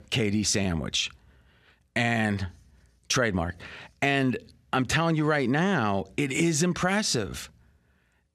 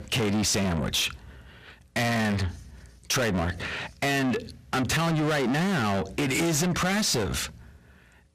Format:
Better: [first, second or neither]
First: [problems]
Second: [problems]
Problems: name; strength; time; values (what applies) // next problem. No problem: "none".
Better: first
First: none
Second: distortion; heavy; 5 dB below the speech